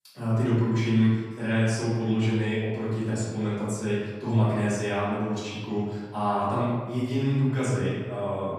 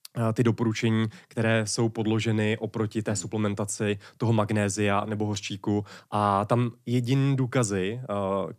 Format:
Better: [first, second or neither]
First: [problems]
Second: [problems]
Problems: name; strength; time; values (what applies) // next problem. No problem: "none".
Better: second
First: room echo; strong; dies away in 1.3 s // off-mic speech; far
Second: none